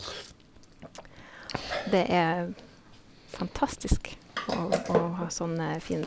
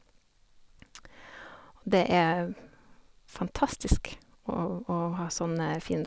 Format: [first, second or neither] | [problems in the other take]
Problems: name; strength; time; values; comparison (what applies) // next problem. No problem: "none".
second | background sound (Chewing, mastication); 6 dB below the speech